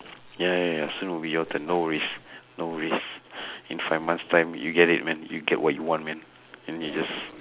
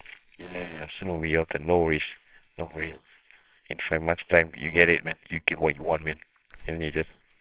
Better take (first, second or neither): first